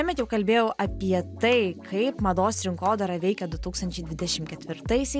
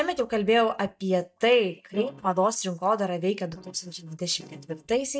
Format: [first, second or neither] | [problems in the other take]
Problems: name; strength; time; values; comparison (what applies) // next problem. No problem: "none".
first | noise reduction (neural mask model DeepFilterNet 3)